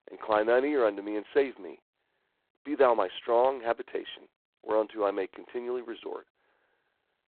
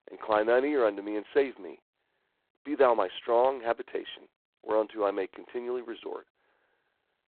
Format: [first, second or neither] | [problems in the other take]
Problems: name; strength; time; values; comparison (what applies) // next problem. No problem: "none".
neither | phone-call audio; poor line; the same in both